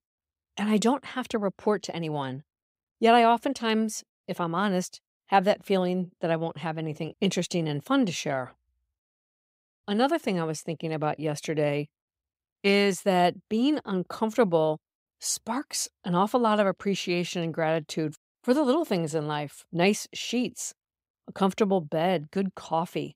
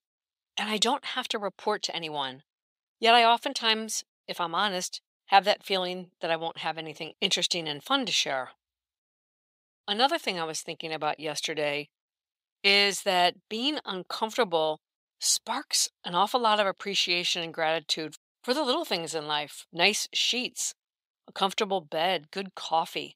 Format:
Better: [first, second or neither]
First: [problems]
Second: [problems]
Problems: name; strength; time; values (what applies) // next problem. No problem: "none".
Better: first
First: none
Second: thin; somewhat; fading below 950 Hz